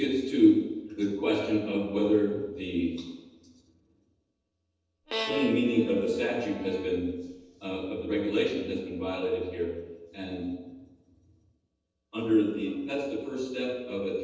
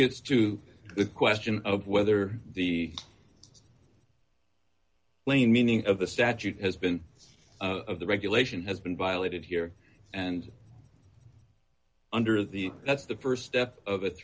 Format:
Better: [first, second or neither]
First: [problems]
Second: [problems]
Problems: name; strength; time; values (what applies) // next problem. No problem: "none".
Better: second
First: noise reduction (neural separator model SepFormer DNS4)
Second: none